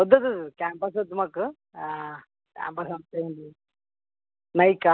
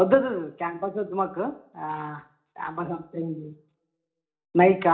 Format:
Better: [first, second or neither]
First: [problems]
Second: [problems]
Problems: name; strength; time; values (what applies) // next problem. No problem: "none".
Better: first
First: none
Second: room echo; dies away in 0.4 s